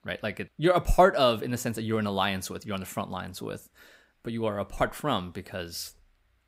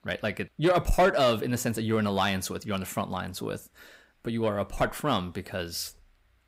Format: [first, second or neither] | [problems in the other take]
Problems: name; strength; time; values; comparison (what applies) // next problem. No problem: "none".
first | distortion; slight; 10 dB below the speech